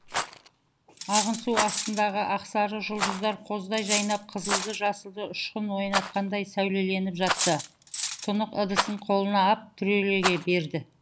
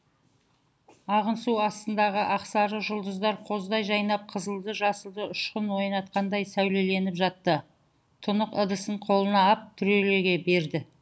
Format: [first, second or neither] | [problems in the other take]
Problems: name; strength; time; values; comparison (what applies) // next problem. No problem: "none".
second | background sound (Cutlery, silverware + Rattle); 6 dB below the speech